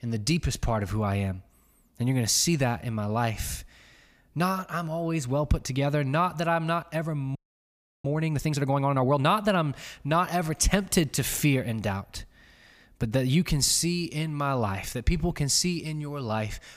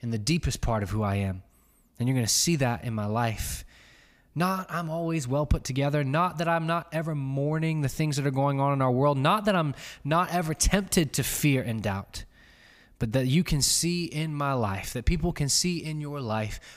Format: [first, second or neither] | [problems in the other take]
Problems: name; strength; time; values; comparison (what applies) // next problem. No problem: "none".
second | audio freezing; at 7.5 s for 0.5 s